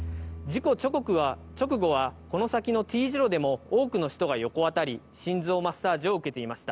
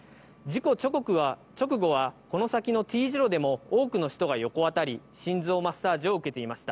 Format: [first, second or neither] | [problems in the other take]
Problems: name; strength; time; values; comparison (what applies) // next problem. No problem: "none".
second | background sound (Bowed string instrument); 18 dB below the speech